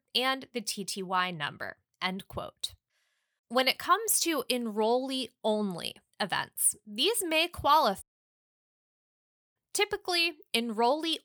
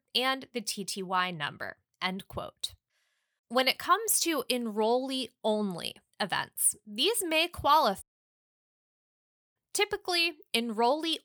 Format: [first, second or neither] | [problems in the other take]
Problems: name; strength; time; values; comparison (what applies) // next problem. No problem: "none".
neither | audio cutting out; at 8 s for 1.5 s; the same in both